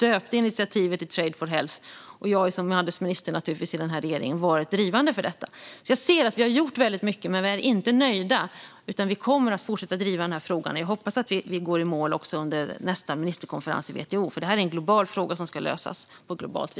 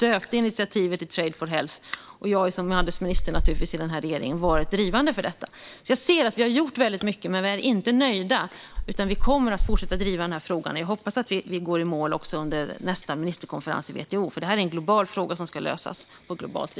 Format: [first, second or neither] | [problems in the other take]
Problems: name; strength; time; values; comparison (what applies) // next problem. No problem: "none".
first | background sound (Chewing, mastication); 5 dB below the speech